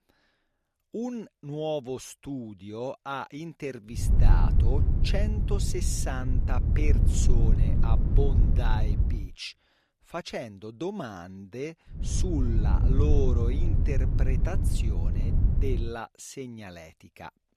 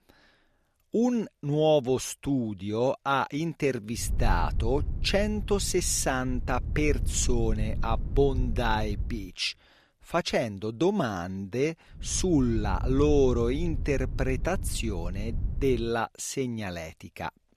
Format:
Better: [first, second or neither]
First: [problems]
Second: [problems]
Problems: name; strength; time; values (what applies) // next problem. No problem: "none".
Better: second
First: wind noise on the microphone; heavy; from 4 to 9 s and from 12 to 16 s; 5 dB below the speech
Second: wind noise on the microphone; occasional gusts; from 4 to 9 s and from 12 to 16 s; 20 dB below the speech